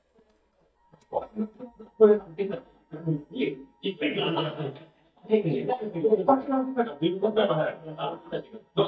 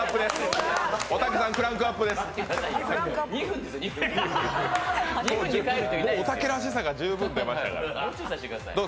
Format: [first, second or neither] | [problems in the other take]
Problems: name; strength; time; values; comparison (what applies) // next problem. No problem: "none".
second | noise reduction (neural mask model DeepFilterNet 3)